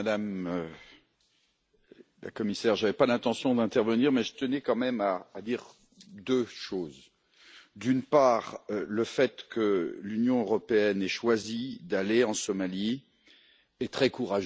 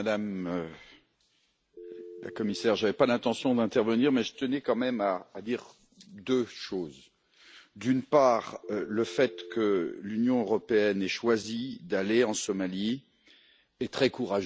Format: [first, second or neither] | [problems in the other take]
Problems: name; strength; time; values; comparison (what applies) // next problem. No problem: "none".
first | background sound (Telephone); 15 dB below the speech